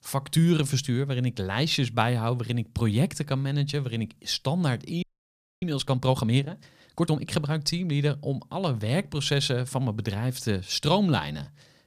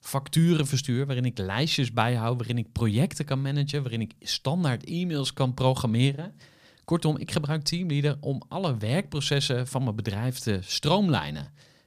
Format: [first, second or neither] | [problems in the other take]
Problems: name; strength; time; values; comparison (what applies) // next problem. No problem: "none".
second | audio freezing; at 5 s for 0.5 s